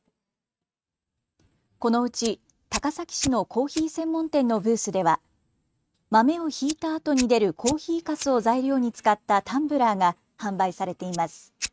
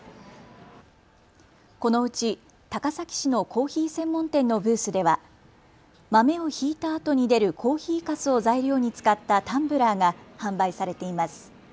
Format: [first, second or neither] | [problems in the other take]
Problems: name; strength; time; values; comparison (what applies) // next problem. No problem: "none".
second | noise reduction (neural mask model RNNoise)